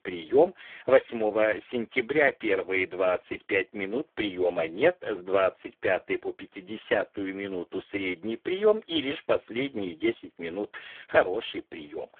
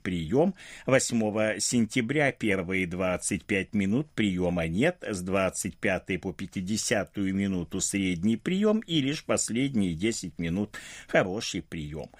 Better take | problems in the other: second | phone-call audio; poor line; nothing above 3.5 kHz

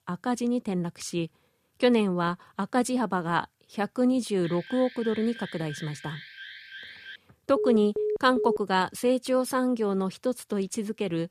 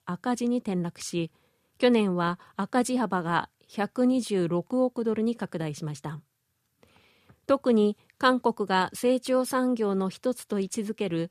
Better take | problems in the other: second | alarm; faint; from 4.5 to 7 s; peak 15 dB below the speech // phone ringing; noticeable; from 7.5 to 8.5 s; peak 3 dB below the speech

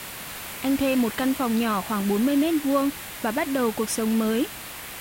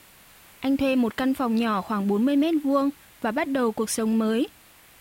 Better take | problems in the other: second | hiss; loud; throughout; 10 dB below the speech; faint in the second

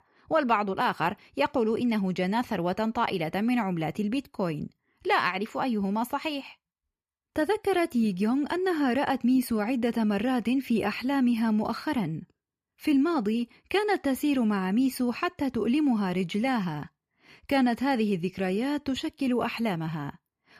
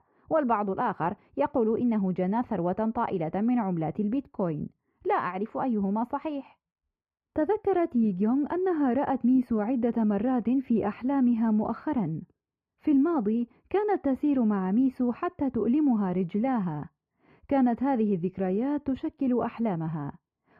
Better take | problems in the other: first | muffled; very; fading above 2.5 kHz

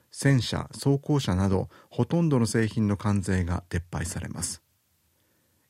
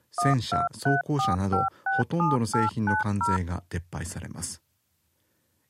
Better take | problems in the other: first | phone ringing; loud; until 3.5 s; peak 2 dB above the speech

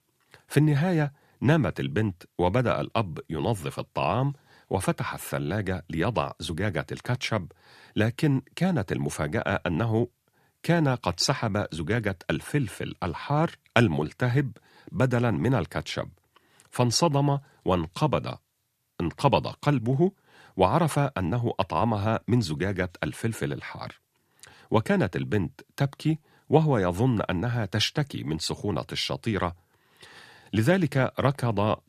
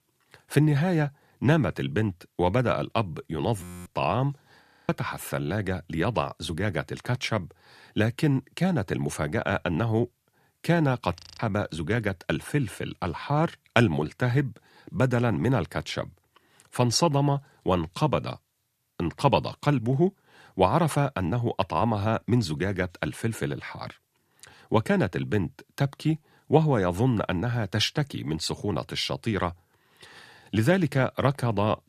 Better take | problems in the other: first | audio freezing; at 3.5 s, at 4.5 s and at 11 s

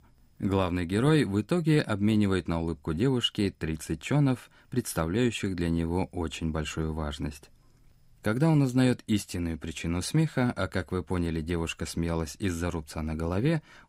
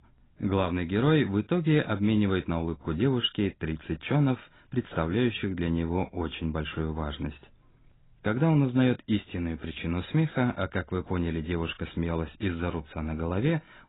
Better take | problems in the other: first | garbled, watery; badly; nothing above 4 kHz

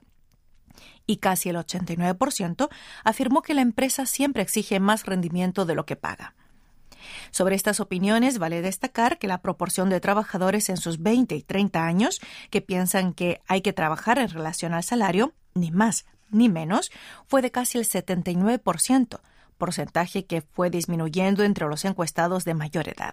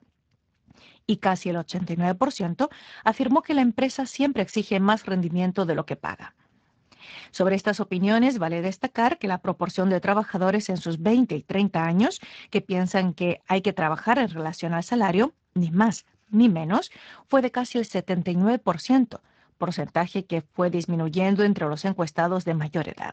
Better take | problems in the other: first | garbled, watery; slightly; nothing above 7.5 kHz

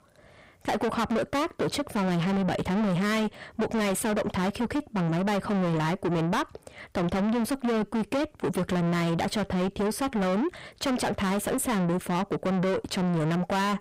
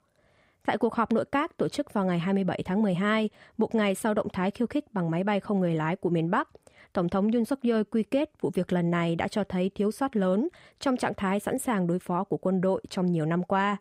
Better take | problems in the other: second | distortion; heavy; 7 dB below the speech

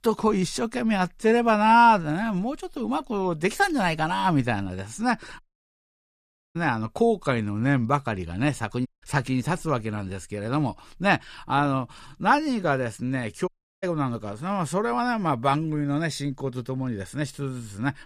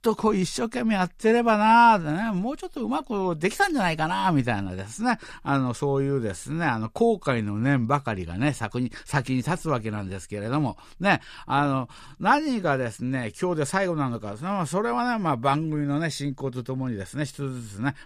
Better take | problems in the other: second | audio cutting out; at 5.5 s for 1 s, at 9 s and at 13 s

